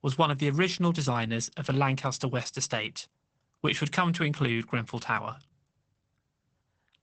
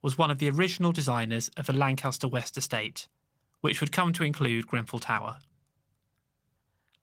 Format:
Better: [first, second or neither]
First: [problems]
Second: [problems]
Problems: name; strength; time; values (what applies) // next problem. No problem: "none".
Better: second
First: garbled, watery; badly; nothing above 8 kHz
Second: garbled, watery; slightly; nothing above 16 kHz